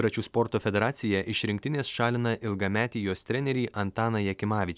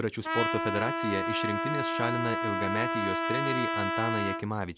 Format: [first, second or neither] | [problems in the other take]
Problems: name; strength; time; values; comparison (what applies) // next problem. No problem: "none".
first | background sound (Trumpet); 2 dB above the speech